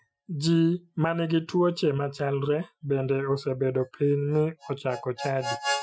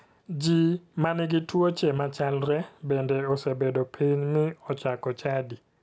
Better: second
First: noise reduction (classical method Wiener filter)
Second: none

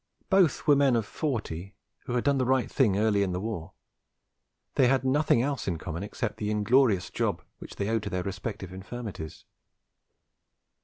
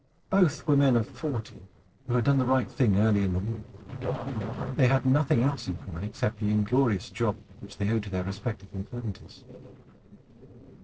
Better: first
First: none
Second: noise reduction (neural separator model SepFormer DNS4)

